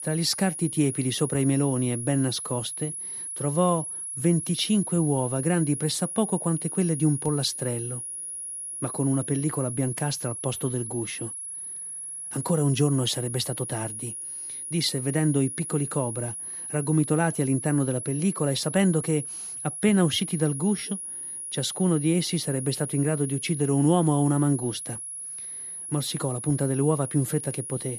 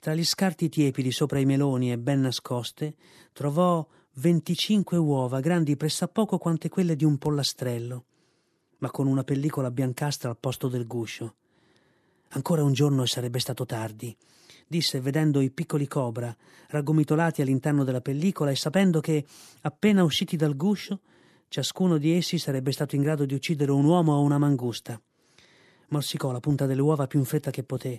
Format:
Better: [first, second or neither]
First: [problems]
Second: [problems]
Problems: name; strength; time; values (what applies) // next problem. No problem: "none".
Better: second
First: high-pitched whine; loud; throughout; 10.5 kHz, 6 dB below the speech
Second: none